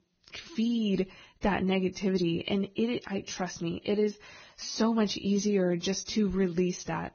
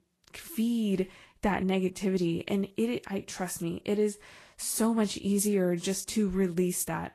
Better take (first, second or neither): second